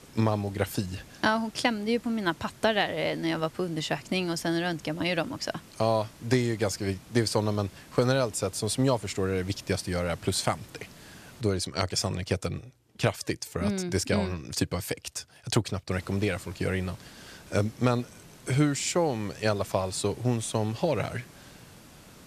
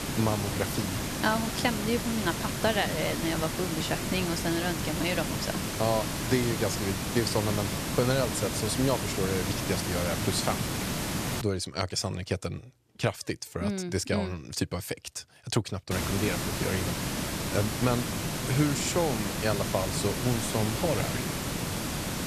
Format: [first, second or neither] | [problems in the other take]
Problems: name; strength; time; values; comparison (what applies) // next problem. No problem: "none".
first | hiss; loud; until 11 s and from 16 s on; 1 dB below the speech; faint in the first